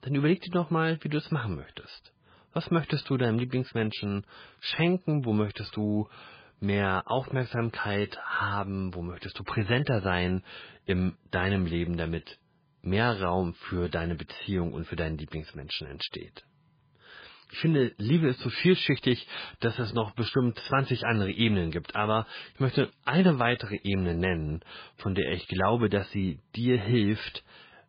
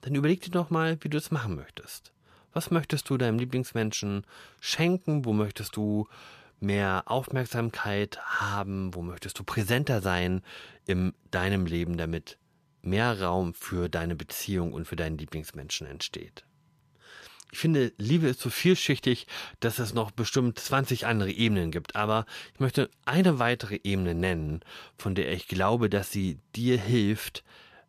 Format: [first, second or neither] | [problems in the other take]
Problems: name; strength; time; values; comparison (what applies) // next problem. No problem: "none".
second | garbled, watery; badly; nothing above 4 kHz